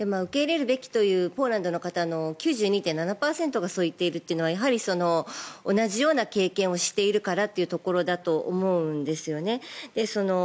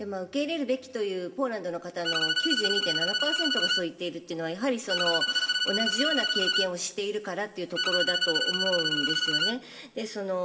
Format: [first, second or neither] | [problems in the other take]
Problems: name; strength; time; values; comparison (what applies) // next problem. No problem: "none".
first | background sound (Bowed string instrument); 3 dB above the speech // room echo; dies away in 2.8 s